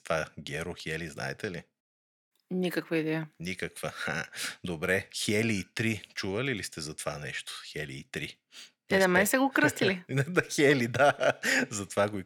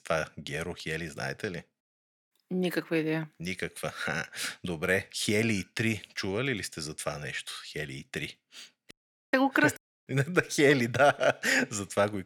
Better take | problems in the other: first | audio cutting out; at 9 s and at 10 s

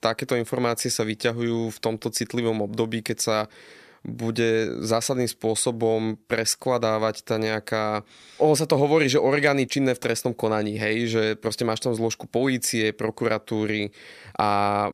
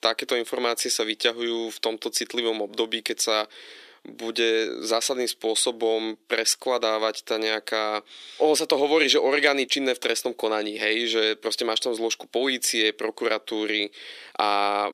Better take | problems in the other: first | thin; somewhat; fading below 300 Hz

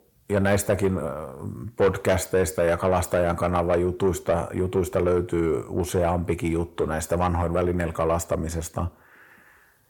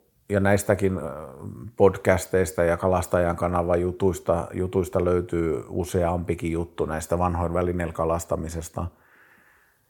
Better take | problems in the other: second | distortion; slight; 10 dB below the speech

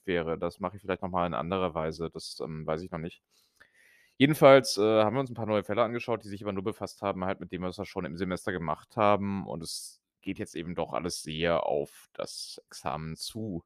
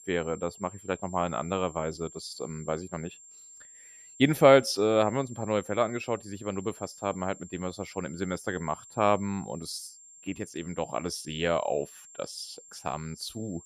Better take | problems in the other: first | high-pitched whine; noticeable; throughout; 7.5 kHz, 20 dB below the speech

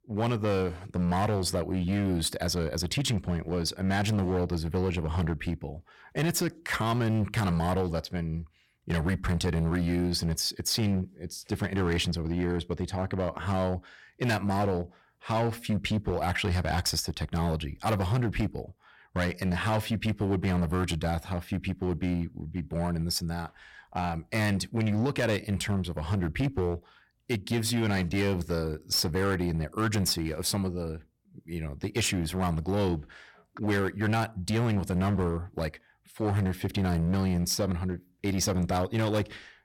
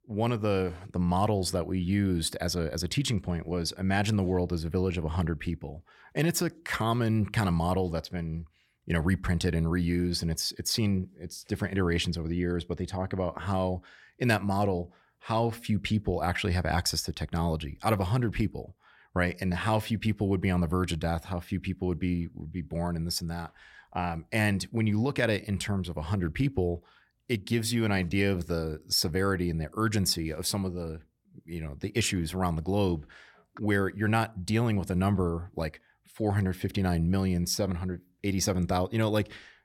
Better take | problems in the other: second | distortion; slight; 10% of the sound clipped

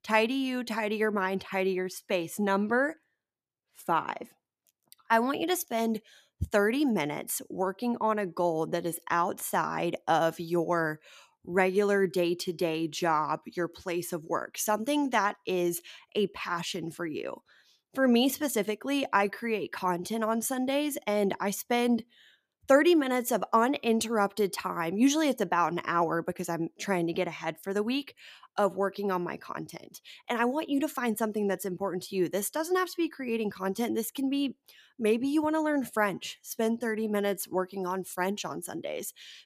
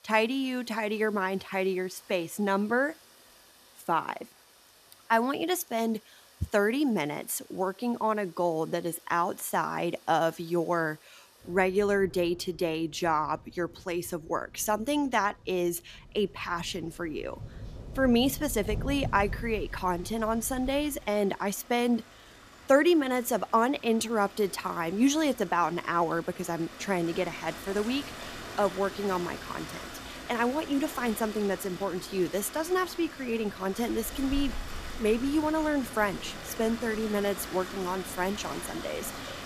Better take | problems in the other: first | rain or running water; noticeable; throughout; 15 dB below the speech

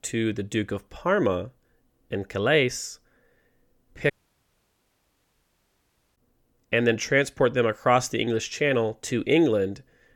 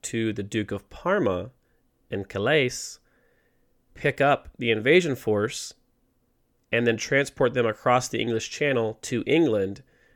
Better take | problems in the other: second | audio cutting out; at 4 s for 2 s

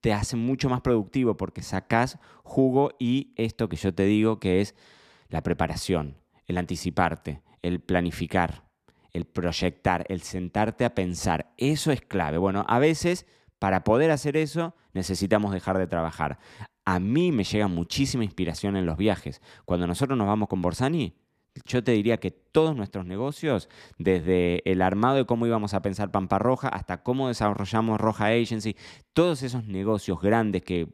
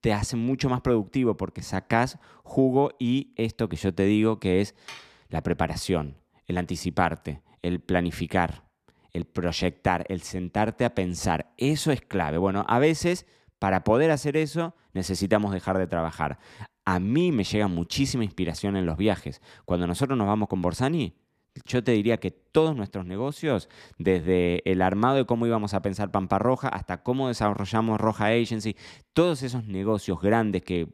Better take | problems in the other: first | clattering dishes; faint; at 5 s; peak 15 dB below the speech

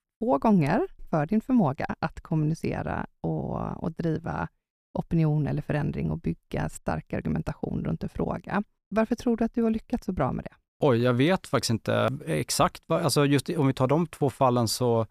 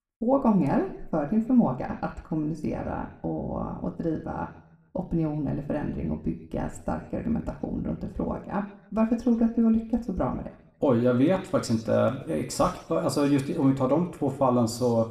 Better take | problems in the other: first | room echo; slight; dies away in 0.7 s

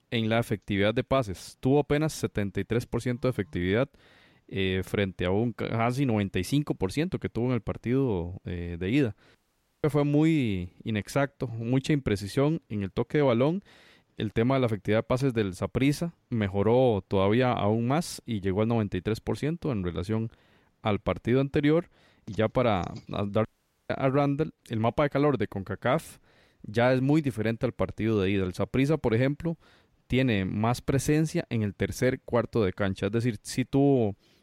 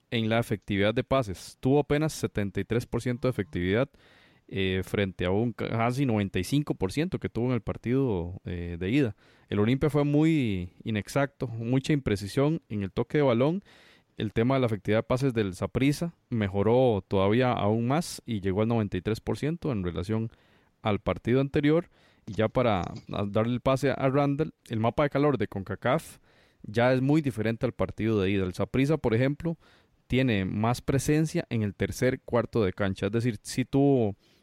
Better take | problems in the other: second | audio cutting out; at 9.5 s and at 23 s

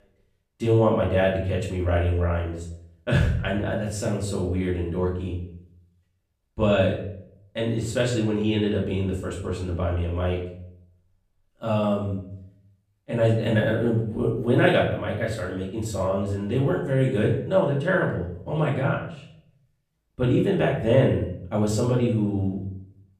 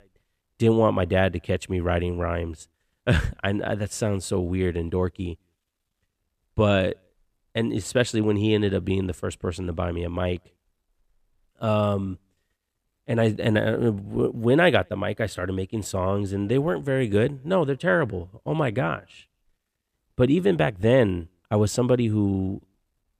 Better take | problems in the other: second | off-mic speech; far // room echo; noticeable; dies away in 0.6 s

